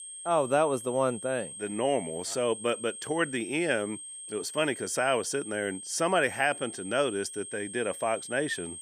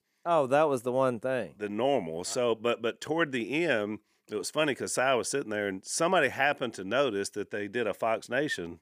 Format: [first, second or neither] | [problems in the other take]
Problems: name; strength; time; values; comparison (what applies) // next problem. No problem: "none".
second | high-pitched whine; loud; throughout; 8.5 kHz, 10 dB below the speech